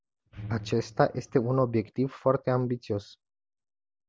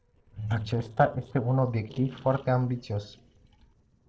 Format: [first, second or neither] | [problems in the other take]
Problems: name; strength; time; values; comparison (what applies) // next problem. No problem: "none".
first | noise reduction (neural separator model SepFormer DNS4)